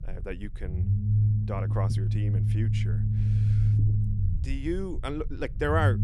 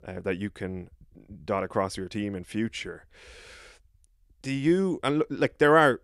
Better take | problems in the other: second | low rumble; loud; throughout; 5 dB below the speech

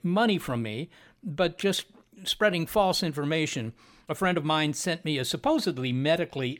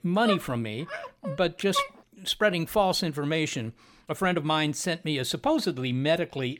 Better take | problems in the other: first | dog barking; noticeable; until 2 s; peak 4 dB below the speech

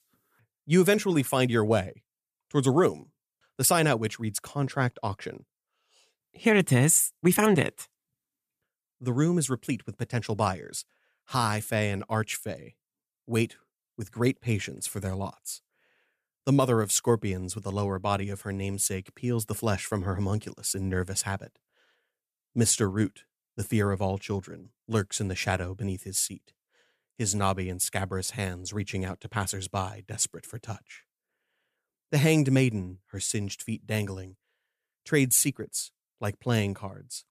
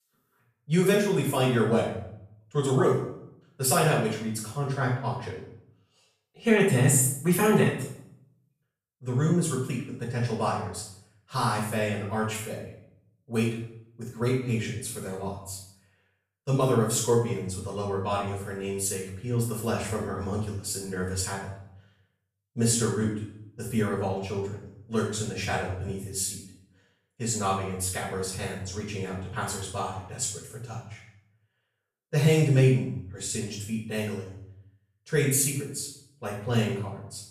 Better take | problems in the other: first | room echo; noticeable; dies away in 0.6 s // off-mic speech; far

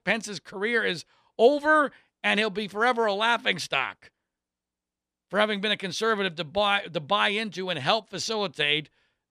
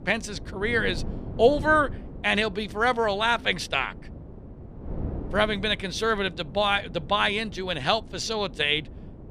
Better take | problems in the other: first | wind noise on the microphone; occasional gusts; 20 dB below the speech

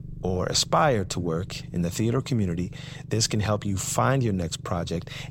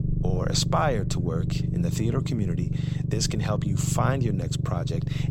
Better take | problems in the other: first | low rumble; loud; throughout; 8 dB below the speech; faint in the first

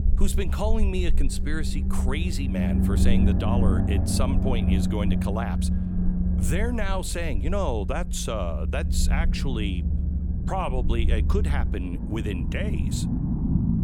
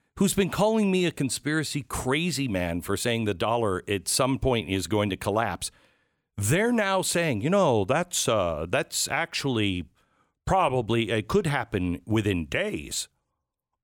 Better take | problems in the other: second | low rumble; loud; throughout; 5 dB below the speech

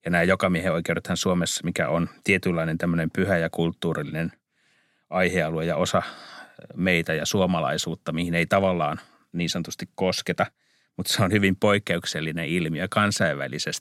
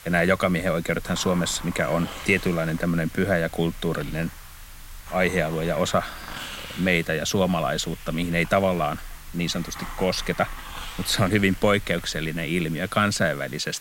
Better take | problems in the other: first | hiss; noticeable; throughout; 15 dB below the speech

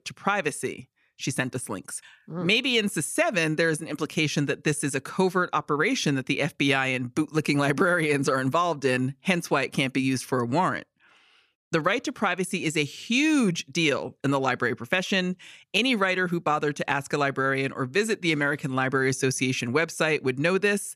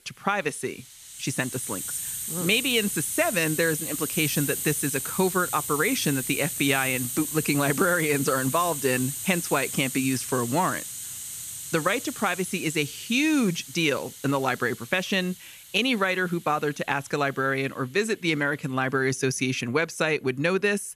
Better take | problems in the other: first | hiss; loud; throughout; 5 dB below the speech

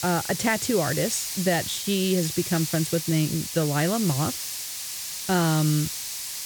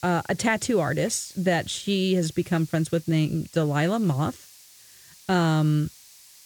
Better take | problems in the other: second | hiss; loud; throughout; 5 dB below the speech; faint in the second

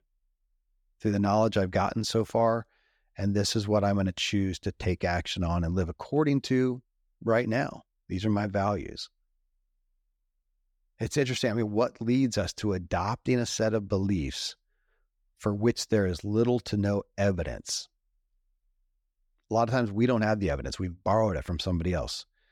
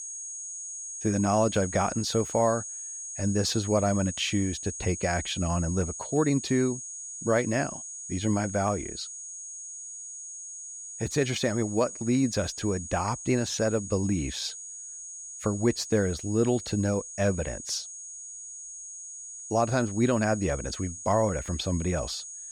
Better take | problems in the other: first | high-pitched whine; loud; throughout; 6.5 kHz, 9 dB below the speech

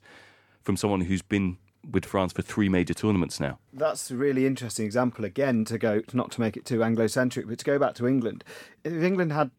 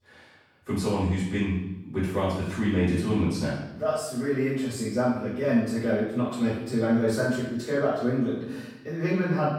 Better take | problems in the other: first | off-mic speech; far // room echo; strong; dies away in 0.8 s

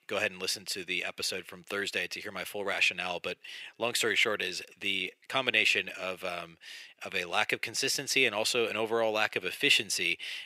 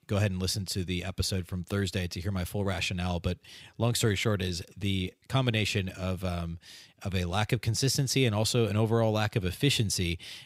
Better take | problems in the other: second | thin; very; fading below 450 Hz

